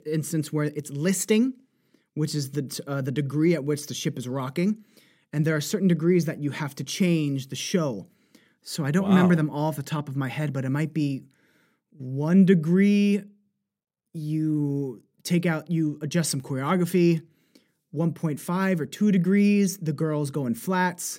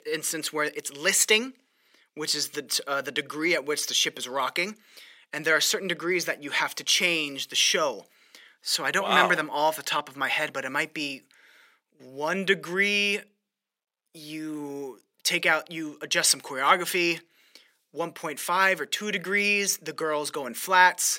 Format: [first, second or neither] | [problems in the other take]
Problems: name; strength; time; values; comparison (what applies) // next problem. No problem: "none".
first | thin; very; fading below 750 Hz